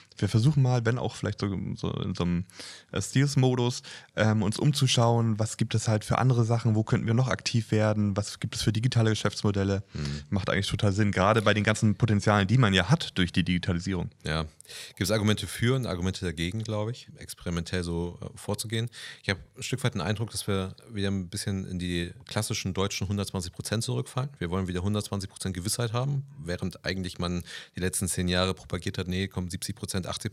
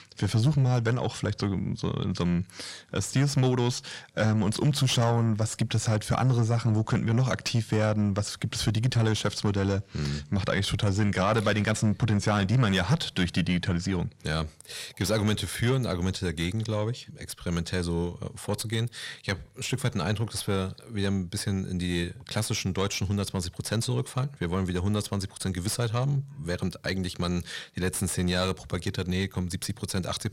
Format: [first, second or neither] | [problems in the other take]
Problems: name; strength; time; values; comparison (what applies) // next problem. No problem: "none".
first | distortion; slight; 10 dB below the speech